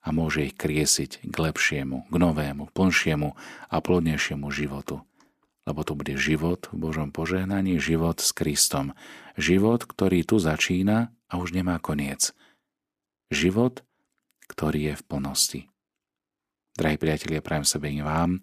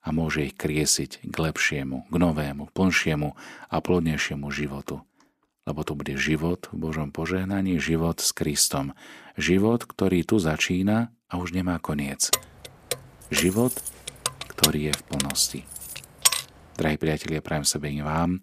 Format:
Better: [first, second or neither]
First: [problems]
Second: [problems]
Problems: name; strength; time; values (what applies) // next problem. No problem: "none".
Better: first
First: none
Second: jangling keys; loud; from 12 to 16 s; peak 4 dB above the speech